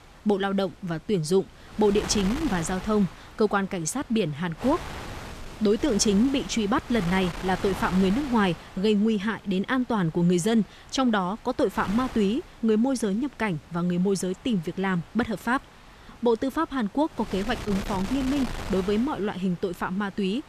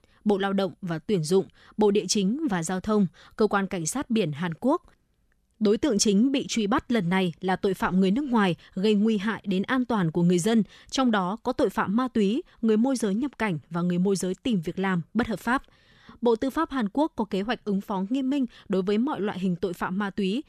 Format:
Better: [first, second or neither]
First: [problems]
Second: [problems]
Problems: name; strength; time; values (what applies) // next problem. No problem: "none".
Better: second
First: wind noise on the microphone; occasional gusts; 10 dB below the speech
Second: none